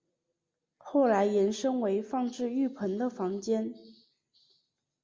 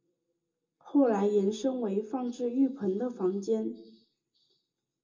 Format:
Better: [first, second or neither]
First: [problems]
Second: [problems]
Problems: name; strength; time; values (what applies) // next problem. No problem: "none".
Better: first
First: none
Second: room echo; dies away in 0.2 s